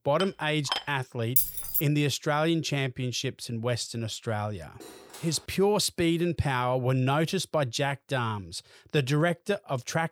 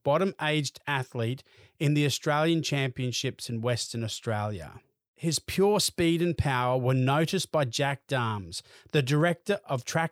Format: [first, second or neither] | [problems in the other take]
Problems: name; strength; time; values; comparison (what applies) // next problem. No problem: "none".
second | clattering dishes; noticeable; at the start; peak 4 dB below the speech // jangling keys; loud; at 1.5 s; peak 5 dB above the speech // clattering dishes; faint; at 5 s; peak 15 dB below the speech